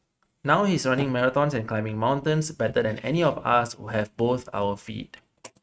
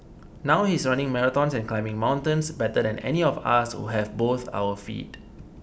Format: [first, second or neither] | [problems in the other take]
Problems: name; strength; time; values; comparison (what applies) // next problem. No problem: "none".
second | noise reduction (neural mask model RNNoise)